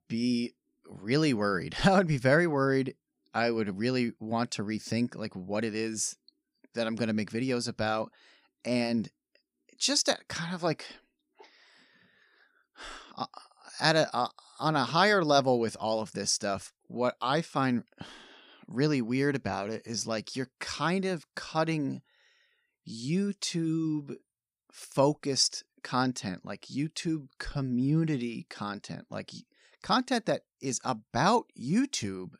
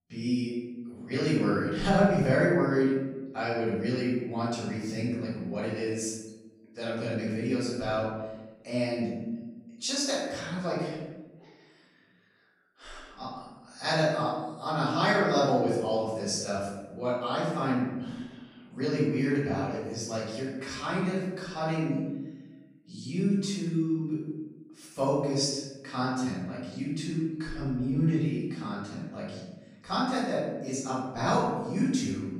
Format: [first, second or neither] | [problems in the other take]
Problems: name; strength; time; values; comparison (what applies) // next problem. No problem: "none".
first | off-mic speech; far // room echo; noticeable; dies away in 1.1 s